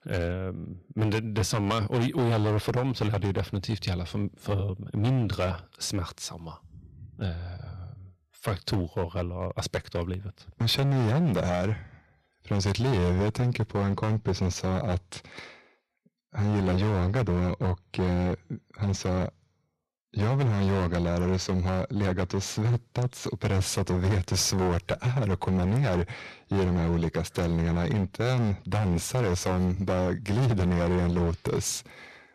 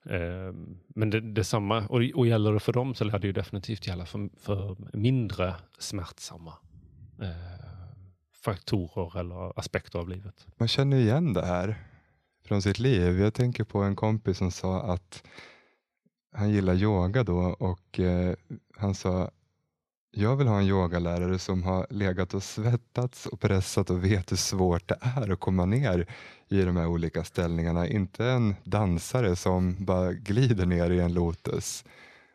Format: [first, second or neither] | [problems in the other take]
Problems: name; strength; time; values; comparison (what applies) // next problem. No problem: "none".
second | distortion; heavy; 14% of the sound clipped